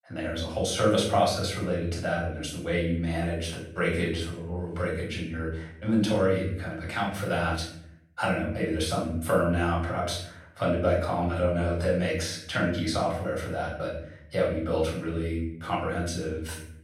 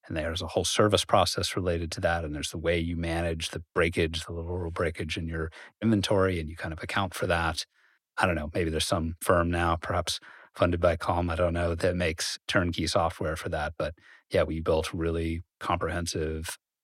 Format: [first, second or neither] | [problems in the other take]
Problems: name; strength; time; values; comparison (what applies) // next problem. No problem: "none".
second | off-mic speech; far // room echo; noticeable; dies away in 0.7 s